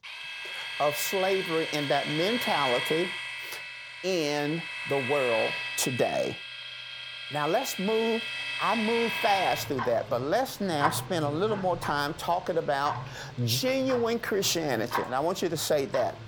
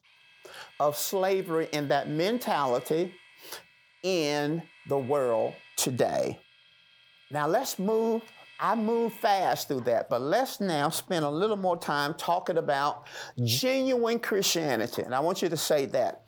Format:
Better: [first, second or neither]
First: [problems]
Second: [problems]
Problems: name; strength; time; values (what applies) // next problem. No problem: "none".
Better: second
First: household noises; loud; throughout; 5 dB below the speech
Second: household noises; faint; throughout; 25 dB below the speech